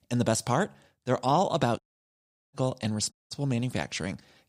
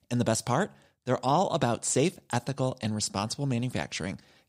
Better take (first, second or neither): second